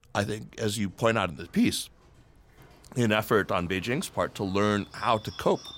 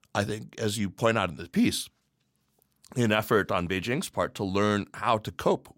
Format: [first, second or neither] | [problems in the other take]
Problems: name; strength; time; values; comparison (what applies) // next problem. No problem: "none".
second | animal sounds; faint; throughout; 25 dB below the speech